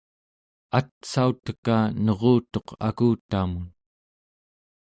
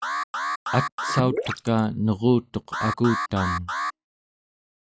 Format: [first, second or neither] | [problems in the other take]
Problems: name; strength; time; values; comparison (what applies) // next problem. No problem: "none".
first | noise reduction (classical method log-MMSE)